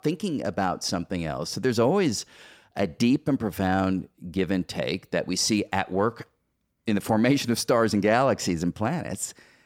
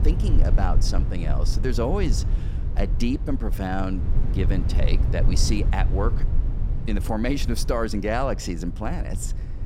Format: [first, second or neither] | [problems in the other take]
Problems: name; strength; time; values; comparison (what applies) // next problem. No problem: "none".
first | low rumble; noticeable; throughout; 10 dB below the speech